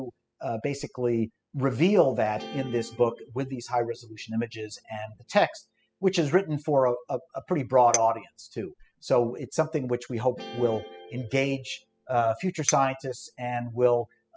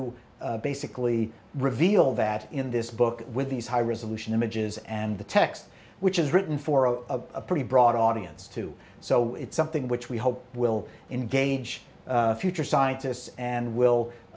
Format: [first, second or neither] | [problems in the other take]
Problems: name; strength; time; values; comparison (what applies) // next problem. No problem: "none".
second | noise reduction (classical method spectral subtraction)